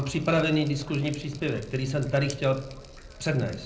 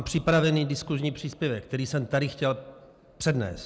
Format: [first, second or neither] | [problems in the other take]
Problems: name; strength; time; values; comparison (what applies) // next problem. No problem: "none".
second | background sound (Drip); 18 dB below the speech // room echo; dies away in 0.5 s